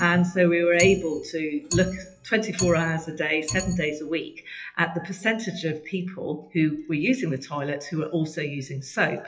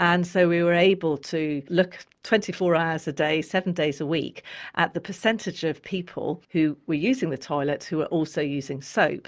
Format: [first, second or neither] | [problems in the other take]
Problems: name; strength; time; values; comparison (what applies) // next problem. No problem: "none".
second | noise reduction (classical method WPE with log-MMSE)